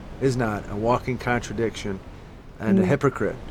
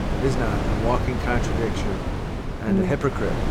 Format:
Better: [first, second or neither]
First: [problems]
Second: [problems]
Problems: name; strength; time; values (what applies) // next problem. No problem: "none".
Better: first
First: wind noise on the microphone; occasional gusts; 20 dB below the speech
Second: wind noise on the microphone; heavy; 3 dB below the speech